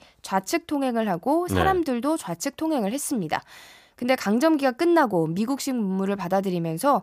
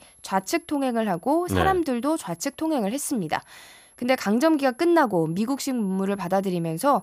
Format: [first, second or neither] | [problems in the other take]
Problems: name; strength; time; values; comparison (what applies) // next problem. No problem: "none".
first | high-pitched whine; faint; throughout; 11 kHz, 30 dB below the speech